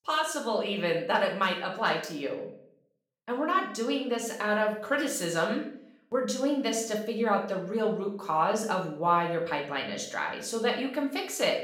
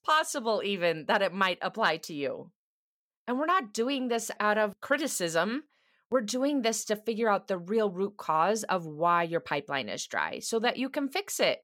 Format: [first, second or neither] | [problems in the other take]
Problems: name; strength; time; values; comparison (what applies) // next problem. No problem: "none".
second | room echo; slight; dies away in 0.5 s // off-mic speech; somewhat distant